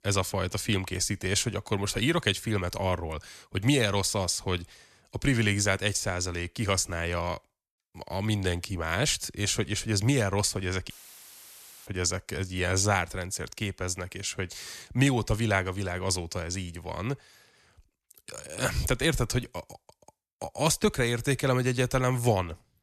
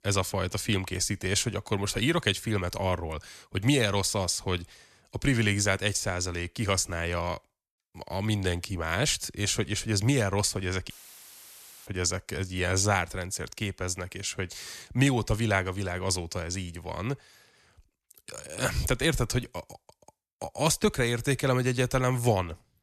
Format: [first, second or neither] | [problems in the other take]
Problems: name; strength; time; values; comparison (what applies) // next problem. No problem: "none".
neither | audio cutting out; filled with static; at 11 s for 1 s; the same in both